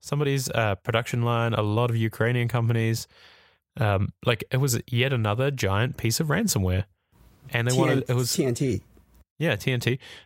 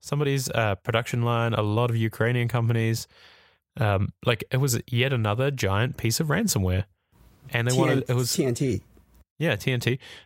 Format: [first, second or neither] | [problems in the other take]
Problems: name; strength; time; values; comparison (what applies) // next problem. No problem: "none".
neither | none